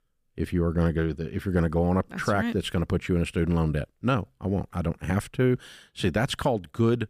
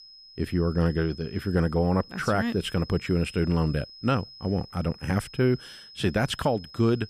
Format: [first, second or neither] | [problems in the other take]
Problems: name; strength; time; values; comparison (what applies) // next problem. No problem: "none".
first | high-pitched whine; noticeable; throughout; 5 kHz, 20 dB below the speech